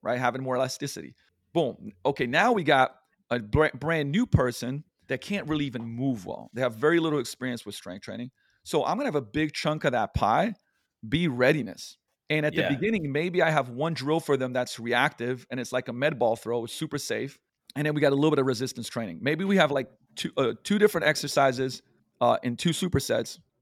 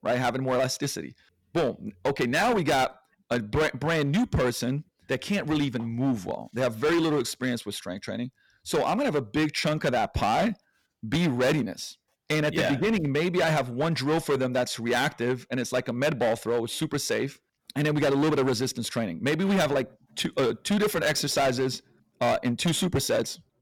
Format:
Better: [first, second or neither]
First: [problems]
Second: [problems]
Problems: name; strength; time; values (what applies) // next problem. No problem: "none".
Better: first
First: none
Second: distortion; heavy; 13% of the sound clipped